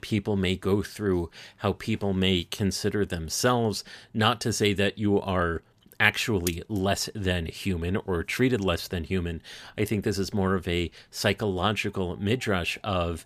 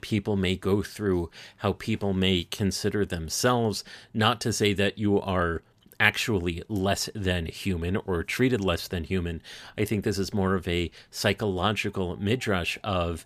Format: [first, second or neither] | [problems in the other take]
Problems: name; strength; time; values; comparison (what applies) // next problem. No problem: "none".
second | clattering dishes; very faint; at 6.5 s; peak 9 dB below the speech